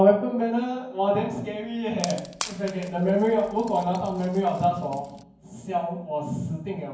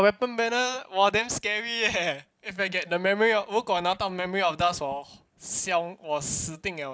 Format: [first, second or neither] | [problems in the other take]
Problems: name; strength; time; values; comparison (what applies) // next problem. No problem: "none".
second | background sound (Wood); 15 dB below the speech // room echo; dies away in 0.9 s